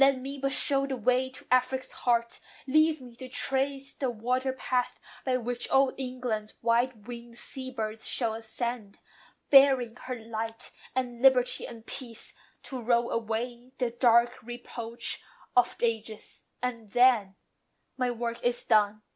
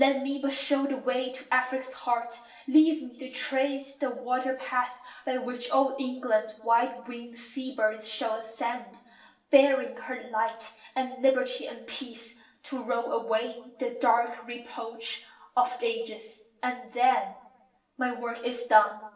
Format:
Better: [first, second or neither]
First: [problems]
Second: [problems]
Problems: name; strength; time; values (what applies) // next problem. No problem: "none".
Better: first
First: none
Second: room echo; dies away in 0.8 s